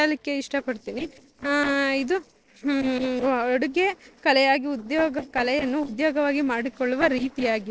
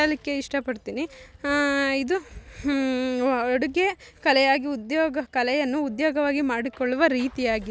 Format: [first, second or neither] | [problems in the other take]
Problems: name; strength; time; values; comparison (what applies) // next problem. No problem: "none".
second | noise reduction (neural separator model SepFormer DNS4)